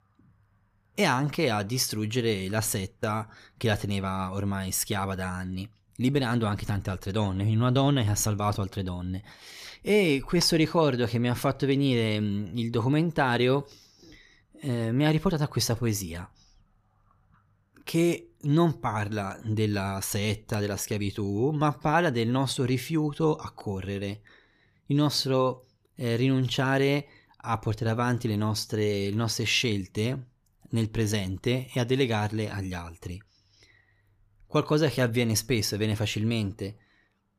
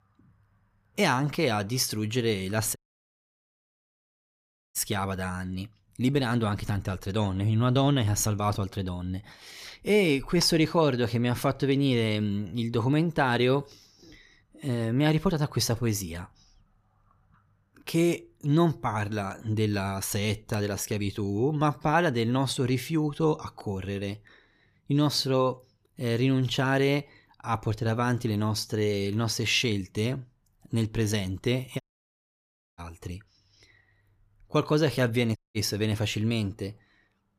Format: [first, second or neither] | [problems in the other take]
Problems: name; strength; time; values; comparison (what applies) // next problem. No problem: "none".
first | audio cutting out; at 3 s for 2 s, at 32 s for 1 s and at 35 s